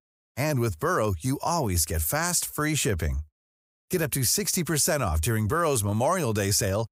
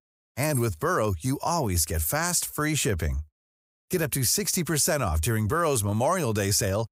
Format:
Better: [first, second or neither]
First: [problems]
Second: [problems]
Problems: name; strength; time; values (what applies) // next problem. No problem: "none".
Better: first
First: none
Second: jangling keys; noticeable; at 0.5 s; peak 10 dB below the speech